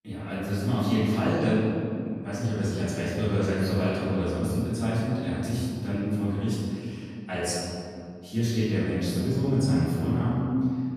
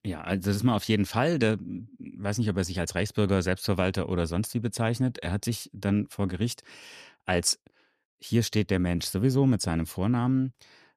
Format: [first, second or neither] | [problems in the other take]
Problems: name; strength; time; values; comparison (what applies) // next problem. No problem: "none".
second | off-mic speech; far // room echo; strong; dies away in 2.5 s